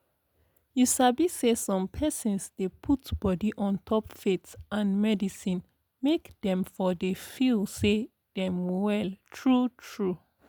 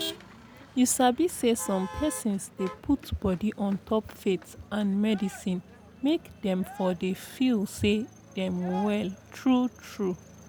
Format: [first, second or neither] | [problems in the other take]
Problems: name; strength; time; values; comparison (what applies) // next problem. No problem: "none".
first | background sound (Motor vehicle (road)); 16 dB below the speech